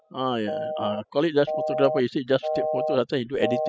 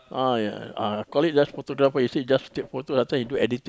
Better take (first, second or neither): second